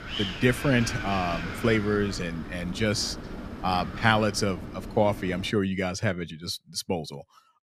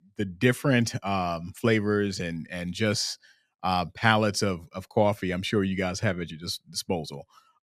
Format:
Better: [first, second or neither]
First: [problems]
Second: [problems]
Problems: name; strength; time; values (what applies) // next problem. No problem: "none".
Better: second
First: wind noise on the microphone; heavy; until 5.5 s; 9 dB below the speech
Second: none